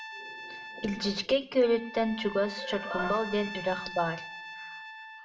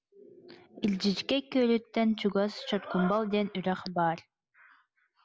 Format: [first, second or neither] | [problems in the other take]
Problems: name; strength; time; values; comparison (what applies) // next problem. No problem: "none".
second | background sound (Trumpet); 12 dB below the speech // room echo; dies away in 0.5 s